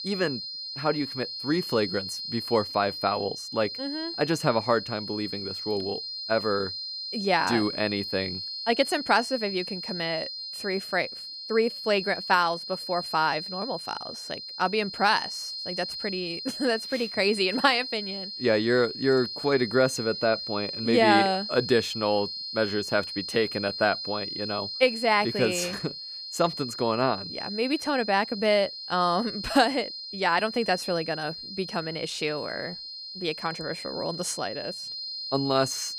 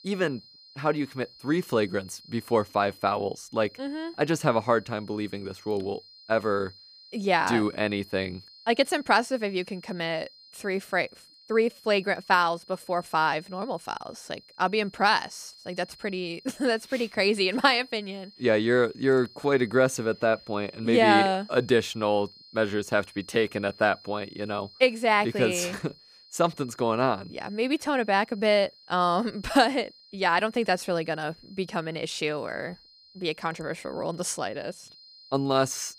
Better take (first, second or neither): second